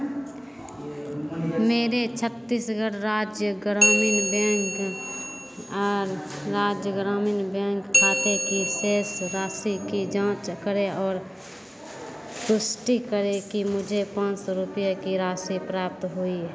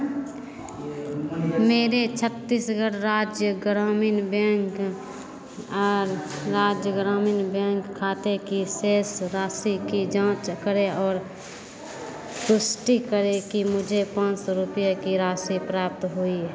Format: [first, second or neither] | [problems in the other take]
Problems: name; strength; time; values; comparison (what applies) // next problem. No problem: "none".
second | background sound (Bell); as loud as the speech